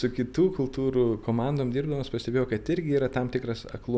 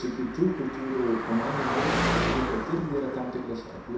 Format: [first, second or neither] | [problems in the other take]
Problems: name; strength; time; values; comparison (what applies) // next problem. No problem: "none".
first | background sound (Car passing by); 2 dB below the speech // room echo; dies away in 0.7 s